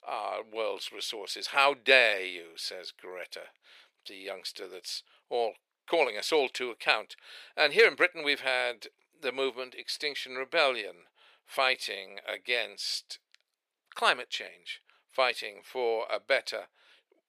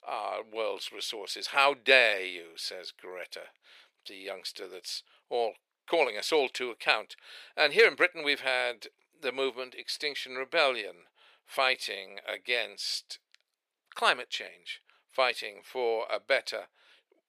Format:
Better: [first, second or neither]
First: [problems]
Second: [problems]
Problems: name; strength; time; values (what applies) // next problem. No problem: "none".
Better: neither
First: thin; very; fading below 450 Hz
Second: thin; very; fading below 450 Hz